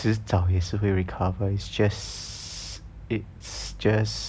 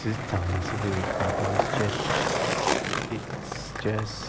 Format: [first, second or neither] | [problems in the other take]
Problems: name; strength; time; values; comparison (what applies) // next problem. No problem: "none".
first | background sound (Skateboard); 3 dB above the speech